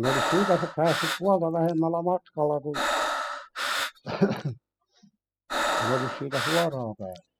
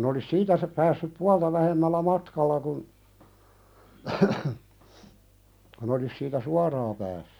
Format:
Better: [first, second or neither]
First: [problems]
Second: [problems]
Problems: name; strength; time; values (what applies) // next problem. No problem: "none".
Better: second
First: noise reduction (classical method spectral subtraction)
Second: none